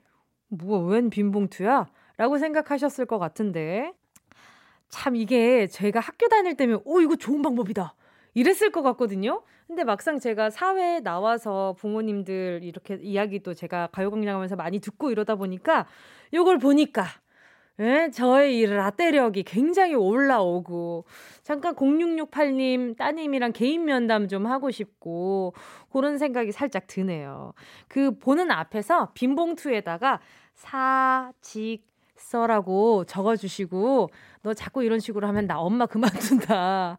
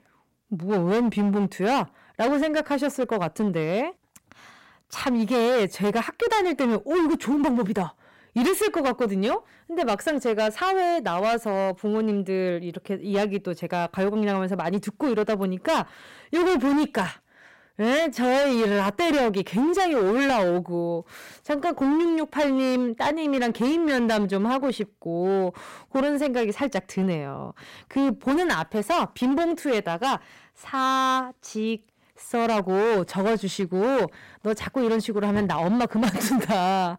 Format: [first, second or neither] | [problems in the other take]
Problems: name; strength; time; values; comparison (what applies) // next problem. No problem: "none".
first | distortion; heavy; 17% of the sound clipped